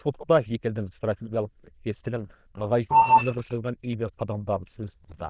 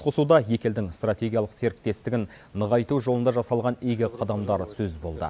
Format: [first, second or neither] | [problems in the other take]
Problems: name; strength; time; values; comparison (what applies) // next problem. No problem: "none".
second | noise reduction (neural diffusion model UNIVERSE++)